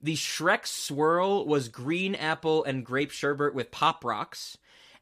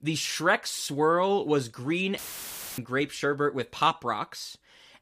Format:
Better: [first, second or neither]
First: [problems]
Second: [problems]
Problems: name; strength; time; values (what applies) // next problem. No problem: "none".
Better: first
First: none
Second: audio cutting out; filled with static; at 2 s for 0.5 s